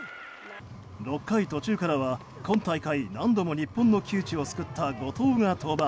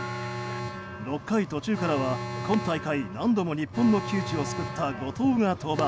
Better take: first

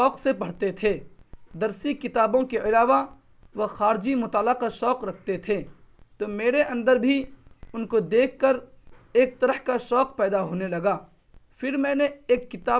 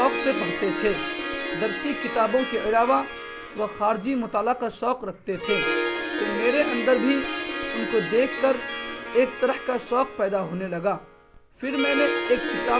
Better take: first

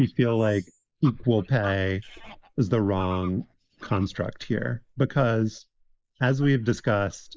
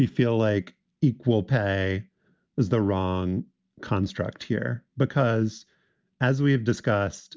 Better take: second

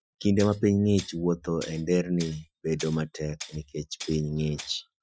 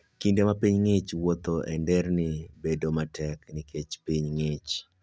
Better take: second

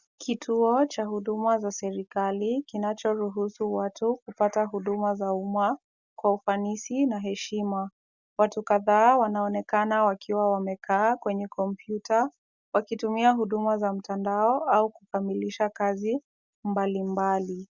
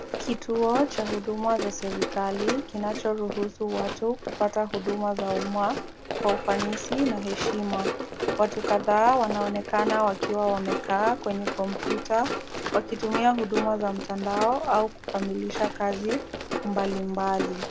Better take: first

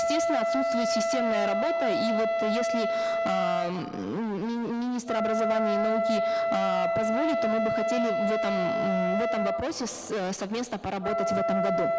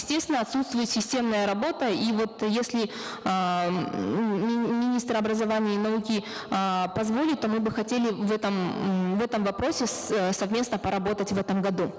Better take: second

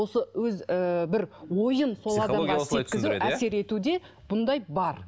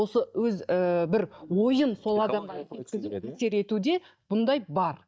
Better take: first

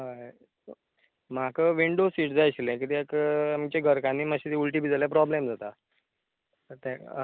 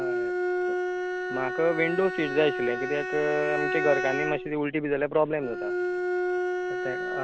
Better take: first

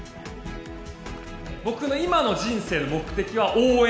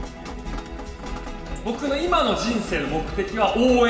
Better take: first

